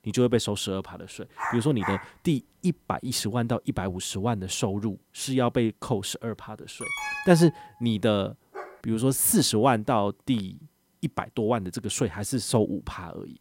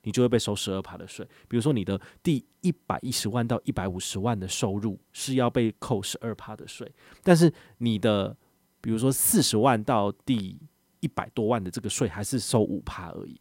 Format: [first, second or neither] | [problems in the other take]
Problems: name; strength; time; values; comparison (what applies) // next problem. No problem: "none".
second | dog barking; noticeable; at 1.5 s; peak 6 dB below the speech // alarm; noticeable; at 7 s; peak 4 dB below the speech // dog barking; faint; at 8.5 s; peak 15 dB below the speech